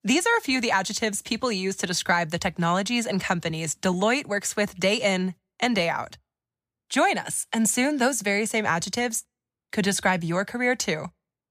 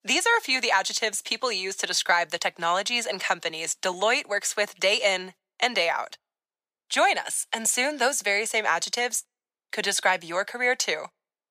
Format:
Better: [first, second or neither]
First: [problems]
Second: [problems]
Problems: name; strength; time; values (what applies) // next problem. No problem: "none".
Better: first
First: none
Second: thin; very; fading below 550 Hz